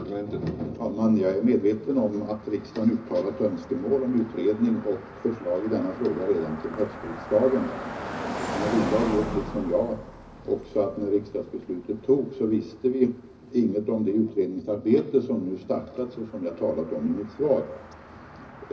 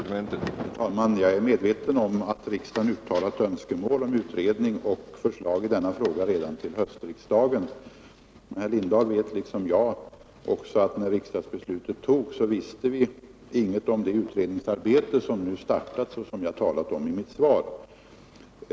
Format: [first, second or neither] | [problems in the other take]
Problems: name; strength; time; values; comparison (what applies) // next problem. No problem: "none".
second | background sound (Car passing by); 13 dB below the speech // room echo; dies away in 0.4 s